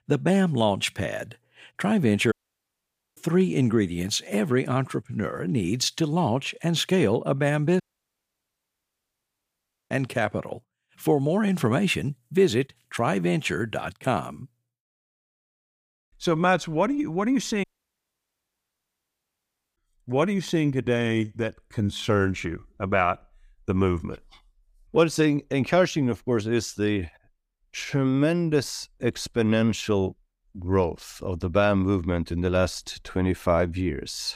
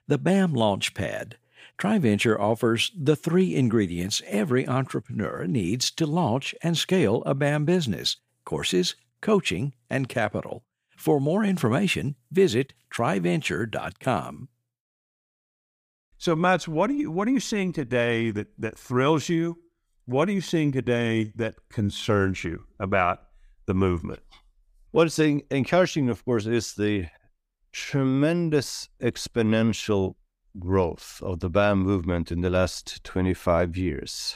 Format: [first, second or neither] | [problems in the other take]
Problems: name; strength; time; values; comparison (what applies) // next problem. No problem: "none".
second | audio cutting out; at 2.5 s for 1 s, at 8 s for 2 s and at 18 s for 2 s